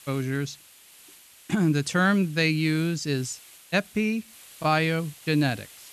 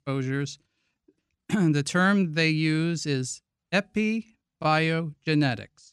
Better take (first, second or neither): second